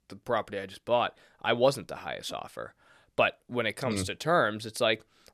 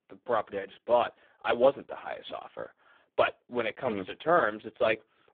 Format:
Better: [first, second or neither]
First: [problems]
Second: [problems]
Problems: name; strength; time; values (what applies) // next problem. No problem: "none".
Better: first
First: none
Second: phone-call audio; poor line